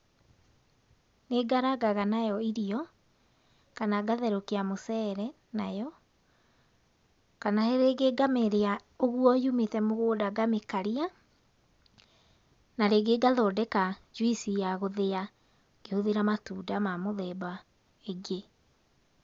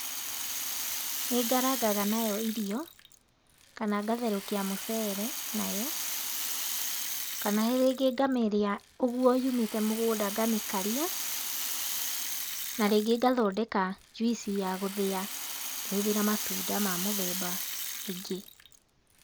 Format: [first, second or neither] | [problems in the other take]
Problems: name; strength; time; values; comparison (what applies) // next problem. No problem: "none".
first | background sound (Rattle (instrument)); 5 dB below the speech